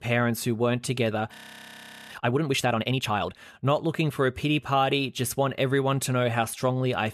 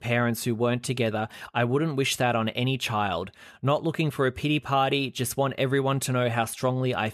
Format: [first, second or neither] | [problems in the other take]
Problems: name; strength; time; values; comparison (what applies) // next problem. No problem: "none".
second | audio freezing; at 1.5 s for 1 s